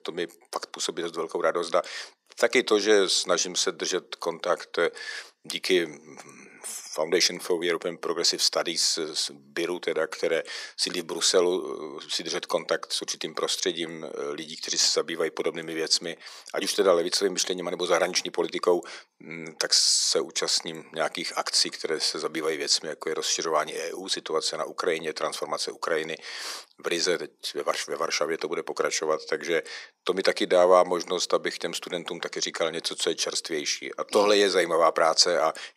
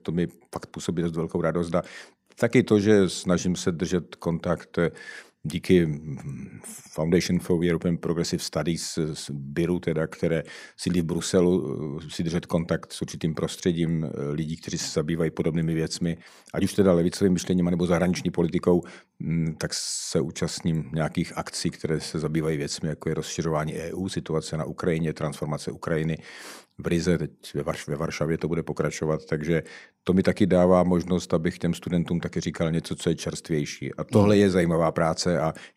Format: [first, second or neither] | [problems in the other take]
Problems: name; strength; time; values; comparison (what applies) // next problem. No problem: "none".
second | thin; very; fading below 400 Hz